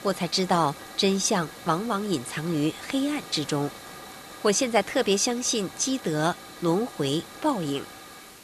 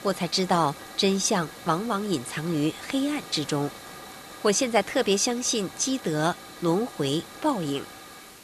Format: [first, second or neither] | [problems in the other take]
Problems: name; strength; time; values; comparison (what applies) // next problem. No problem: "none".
neither | hiss; noticeable; throughout; 15 dB below the speech; the same in both